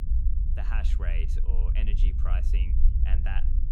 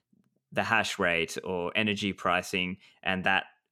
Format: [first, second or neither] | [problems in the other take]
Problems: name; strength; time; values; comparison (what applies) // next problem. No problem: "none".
second | low rumble; loud; throughout; 6 dB below the speech